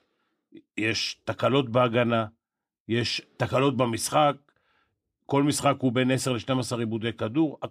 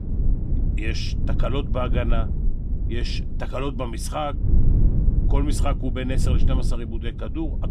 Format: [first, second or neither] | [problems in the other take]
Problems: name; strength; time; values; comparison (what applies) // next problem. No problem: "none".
first | low rumble; loud; throughout; 8 dB below the speech